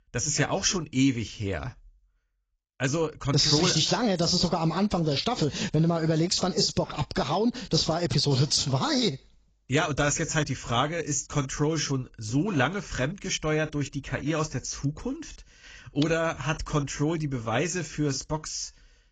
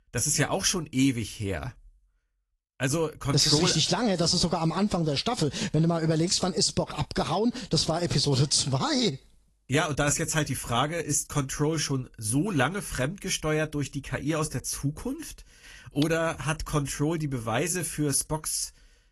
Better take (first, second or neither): second